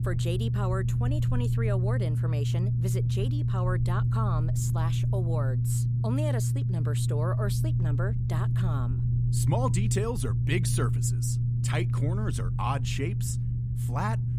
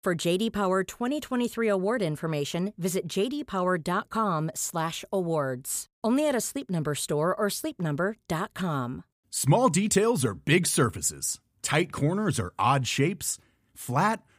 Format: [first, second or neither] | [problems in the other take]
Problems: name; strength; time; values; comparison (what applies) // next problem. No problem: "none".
second | low rumble; loud; throughout; 4 dB below the speech